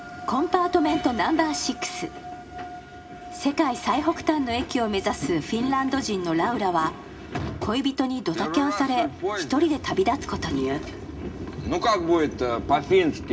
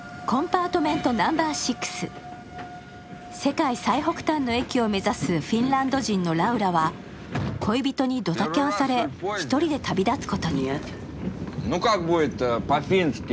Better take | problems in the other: second | room echo; dies away in 0.9 s

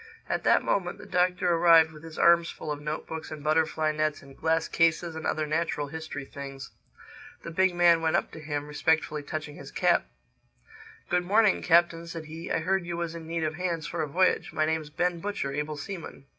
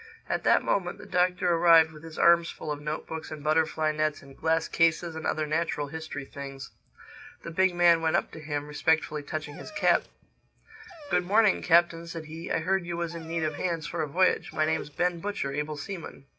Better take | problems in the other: first | background sound (Dog); 17 dB below the speech

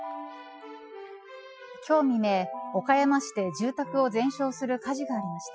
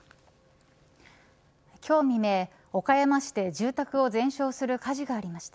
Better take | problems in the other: second | noise reduction (classical method Wiener filter)

